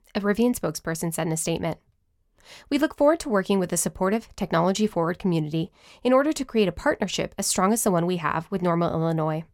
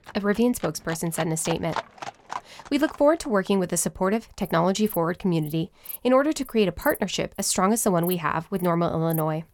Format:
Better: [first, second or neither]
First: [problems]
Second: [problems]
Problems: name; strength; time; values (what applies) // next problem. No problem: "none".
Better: first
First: none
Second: animal sounds; noticeable; throughout; 15 dB below the speech